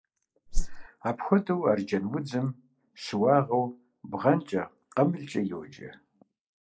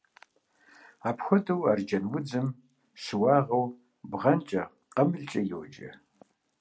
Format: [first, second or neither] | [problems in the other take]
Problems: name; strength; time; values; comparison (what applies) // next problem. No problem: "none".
second | noise reduction (neural mask model Resemble Enhance denoiser)